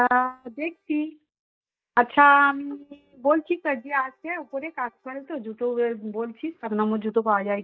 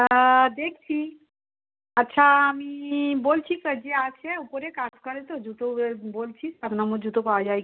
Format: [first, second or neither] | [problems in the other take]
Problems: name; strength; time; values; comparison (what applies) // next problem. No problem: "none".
second | noise reduction (neural mask model DeepFilterNet 3)